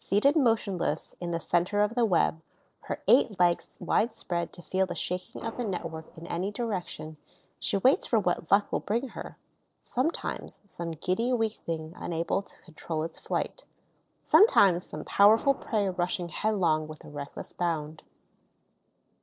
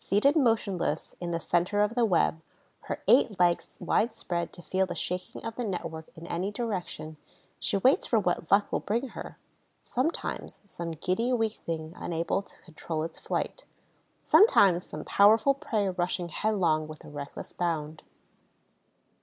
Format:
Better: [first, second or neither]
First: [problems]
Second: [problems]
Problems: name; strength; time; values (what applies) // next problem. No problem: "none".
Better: second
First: noise reduction (neural separator model SepFormer DNS4)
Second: none